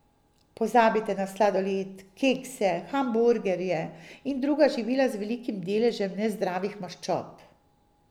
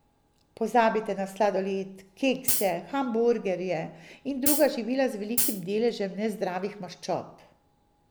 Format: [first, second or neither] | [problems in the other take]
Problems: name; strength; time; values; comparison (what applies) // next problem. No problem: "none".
first | background sound (Hi-hat); 1 dB above the speech